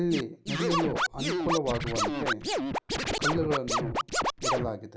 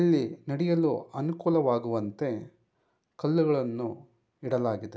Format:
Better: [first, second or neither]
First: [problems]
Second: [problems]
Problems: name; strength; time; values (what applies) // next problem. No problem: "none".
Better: second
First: background sound (Scratching (performance technique)); 2 dB above the speech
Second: none